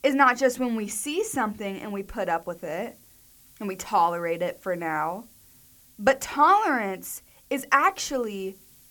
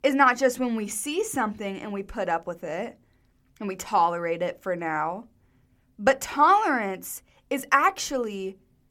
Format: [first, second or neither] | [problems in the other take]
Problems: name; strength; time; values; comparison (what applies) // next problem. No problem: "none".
second | hiss; faint; throughout; 25 dB below the speech